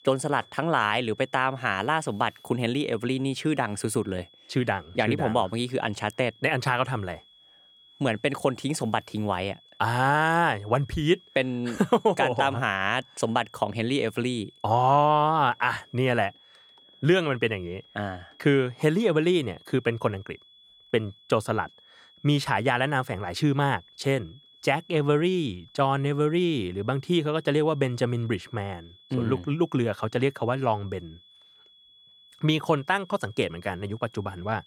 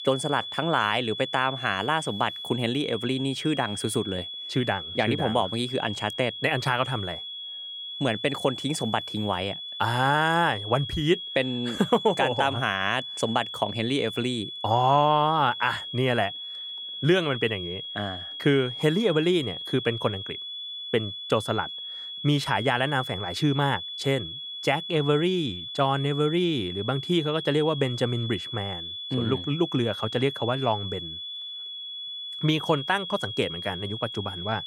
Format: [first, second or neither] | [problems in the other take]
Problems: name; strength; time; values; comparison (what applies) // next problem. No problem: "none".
first | high-pitched whine; loud; throughout; 3.5 kHz, 7 dB below the speech; faint in the first